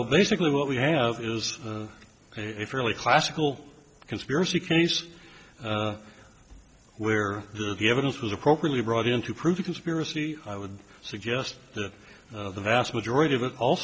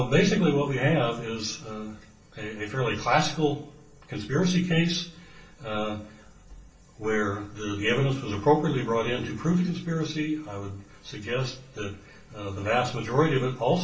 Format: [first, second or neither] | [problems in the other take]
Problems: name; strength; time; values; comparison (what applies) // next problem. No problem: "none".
first | room echo; dies away in 0.3 s